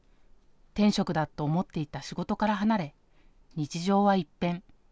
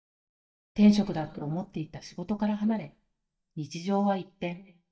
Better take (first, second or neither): first